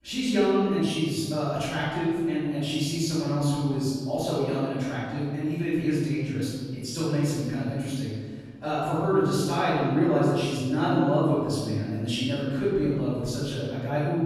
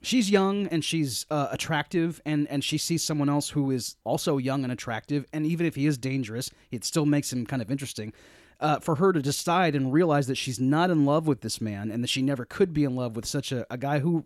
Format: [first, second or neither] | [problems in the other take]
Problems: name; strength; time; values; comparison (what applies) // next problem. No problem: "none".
second | off-mic speech; far // room echo; strong; dies away in 1.5 s